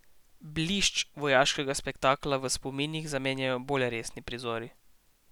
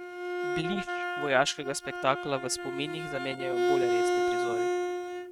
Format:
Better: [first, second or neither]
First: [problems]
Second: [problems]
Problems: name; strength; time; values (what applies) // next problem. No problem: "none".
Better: first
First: none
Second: noise reduction (neural mask model RNNoise)